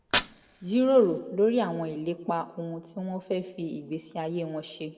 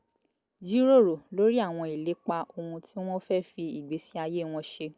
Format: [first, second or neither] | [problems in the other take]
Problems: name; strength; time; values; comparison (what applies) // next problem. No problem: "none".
second | background sound (Fire); 12 dB below the speech // room echo; dies away in 0.6 s